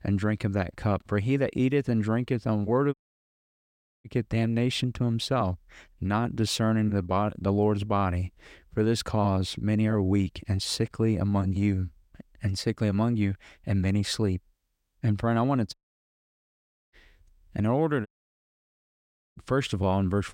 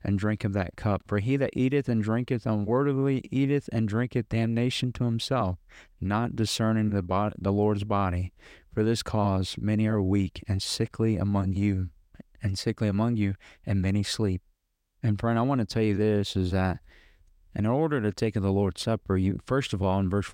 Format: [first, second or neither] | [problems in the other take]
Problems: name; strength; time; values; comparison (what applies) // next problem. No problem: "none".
second | audio cutting out; at 3 s for 1 s, at 16 s for 1 s and at 18 s for 1.5 s